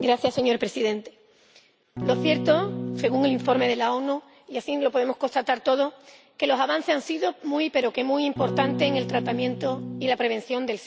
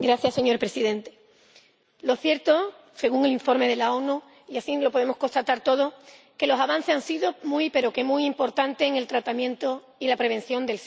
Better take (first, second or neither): second